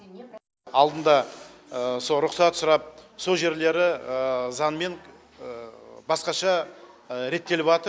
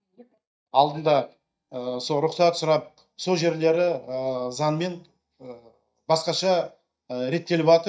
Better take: first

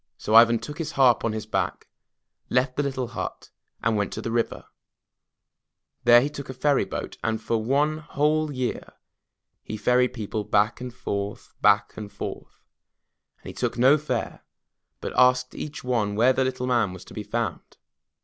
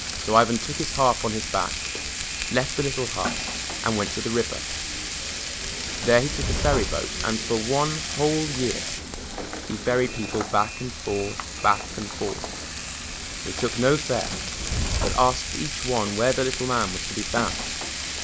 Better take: first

